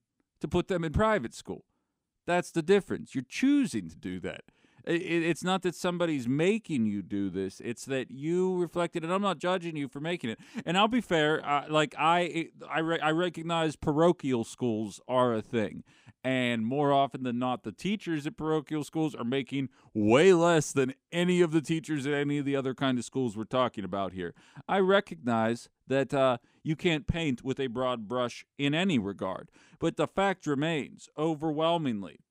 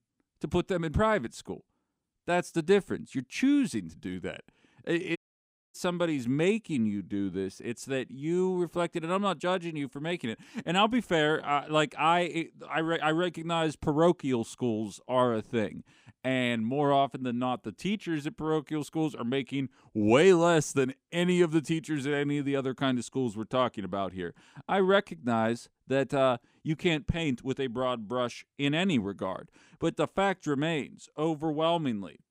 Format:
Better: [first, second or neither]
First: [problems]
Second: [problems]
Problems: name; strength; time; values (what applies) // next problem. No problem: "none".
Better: first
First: none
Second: audio cutting out; at 5 s for 0.5 s